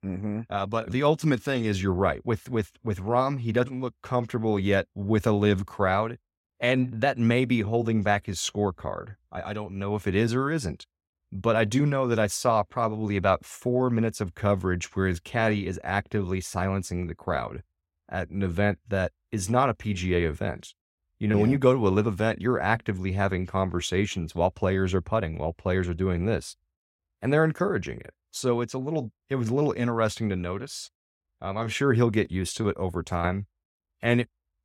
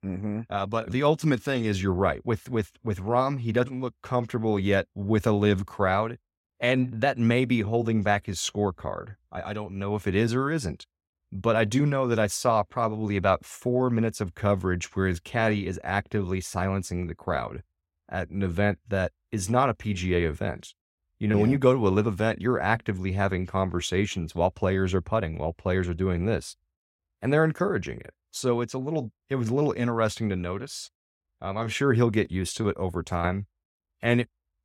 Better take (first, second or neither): neither